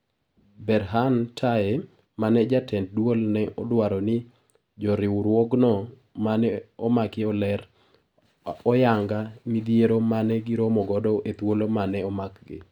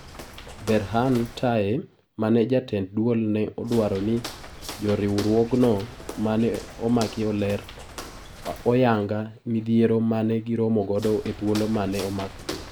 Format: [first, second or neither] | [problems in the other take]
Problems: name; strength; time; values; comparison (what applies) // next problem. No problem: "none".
first | background sound (Walk, footsteps); 16 dB below the speech